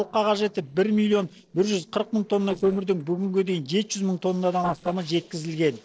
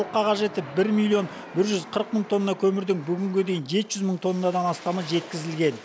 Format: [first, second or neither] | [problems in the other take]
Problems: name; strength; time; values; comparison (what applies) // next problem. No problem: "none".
second | noise reduction (neural separator model SepFormer DNS4)